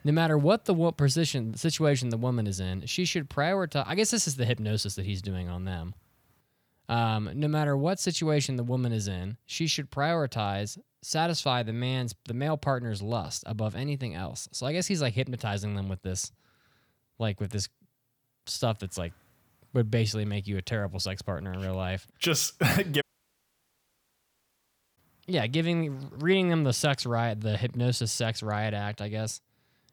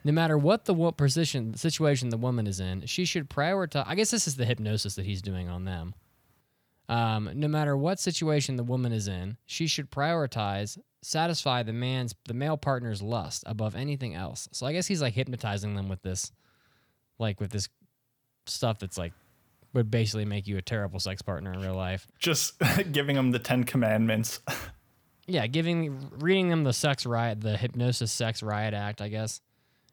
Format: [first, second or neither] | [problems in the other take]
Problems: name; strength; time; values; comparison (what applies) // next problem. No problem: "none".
second | audio cutting out; at 23 s for 2 s